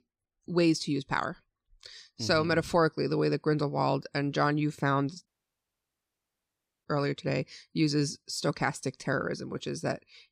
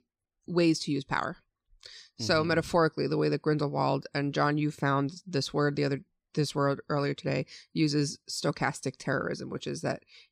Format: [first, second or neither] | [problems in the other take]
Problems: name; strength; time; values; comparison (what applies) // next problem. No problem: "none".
second | audio cutting out; at 5.5 s for 1.5 s